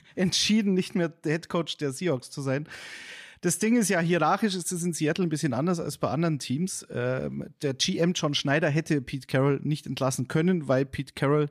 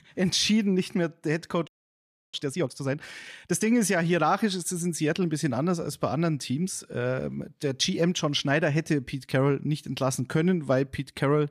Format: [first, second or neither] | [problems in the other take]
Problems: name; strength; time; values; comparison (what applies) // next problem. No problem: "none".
first | audio freezing; at 1.5 s for 0.5 s